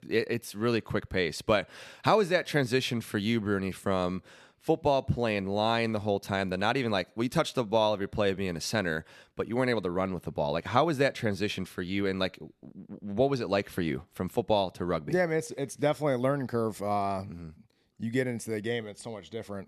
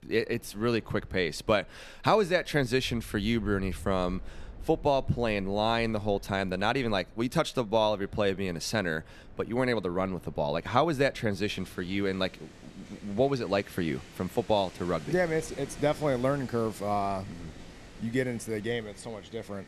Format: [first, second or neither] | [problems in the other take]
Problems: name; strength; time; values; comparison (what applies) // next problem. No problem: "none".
first | wind in the background; noticeable; throughout; 20 dB below the speech